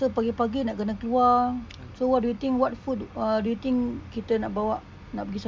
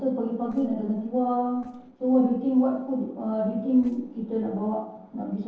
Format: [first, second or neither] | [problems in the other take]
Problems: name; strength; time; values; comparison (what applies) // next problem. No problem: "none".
first | noise reduction (neural separator model SepFormer DNS4)